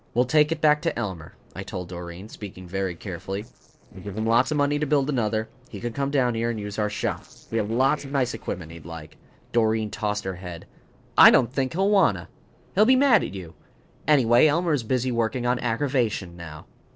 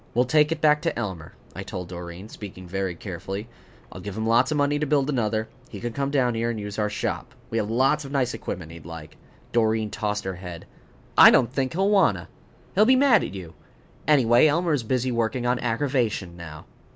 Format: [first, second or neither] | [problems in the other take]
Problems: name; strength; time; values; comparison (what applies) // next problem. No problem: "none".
second | noise reduction (neural separator model SepFormer DNS4)